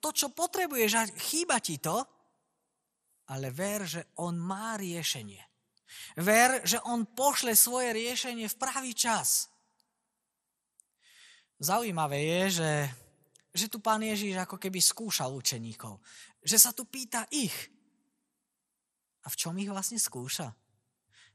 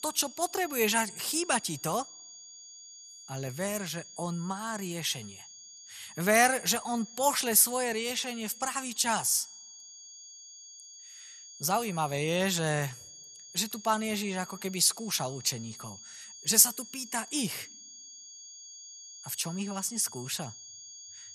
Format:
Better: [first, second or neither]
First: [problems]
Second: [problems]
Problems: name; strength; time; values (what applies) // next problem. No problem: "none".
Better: first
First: none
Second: high-pitched whine; noticeable; throughout; 6.5 kHz, 15 dB below the speech